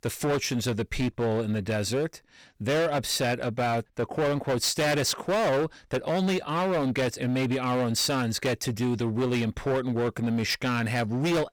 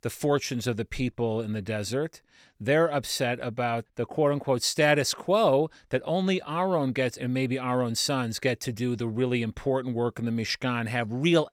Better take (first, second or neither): second